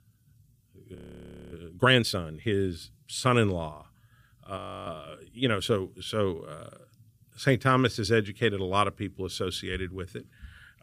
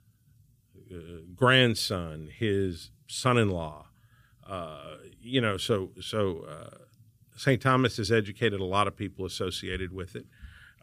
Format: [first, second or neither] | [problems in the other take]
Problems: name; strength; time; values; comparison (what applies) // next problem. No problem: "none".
second | audio freezing; at 1 s for 0.5 s and at 4.5 s